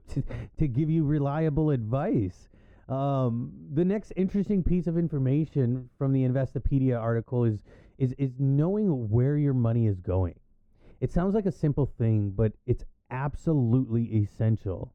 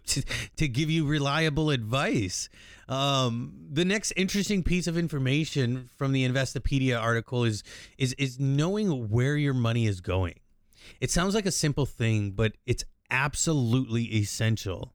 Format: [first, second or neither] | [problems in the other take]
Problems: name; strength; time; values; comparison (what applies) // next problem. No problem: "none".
second | muffled; very; fading above 1.5 kHz